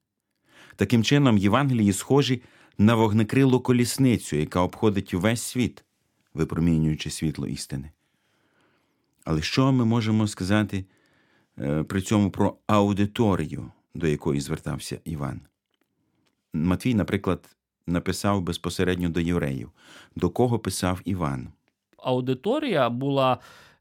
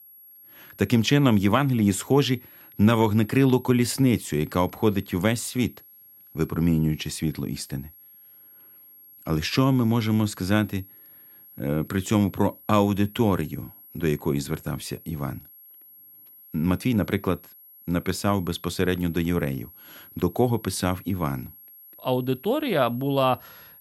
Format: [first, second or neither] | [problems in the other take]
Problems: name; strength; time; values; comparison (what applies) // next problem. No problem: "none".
first | high-pitched whine; faint; throughout; 11.5 kHz, 20 dB below the speech